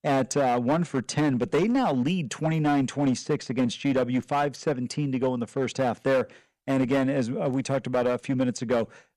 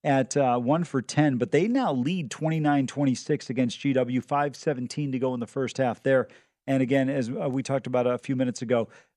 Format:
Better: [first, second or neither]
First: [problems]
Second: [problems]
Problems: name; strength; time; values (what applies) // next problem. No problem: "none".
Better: second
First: distortion; slight; 9% of the sound clipped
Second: none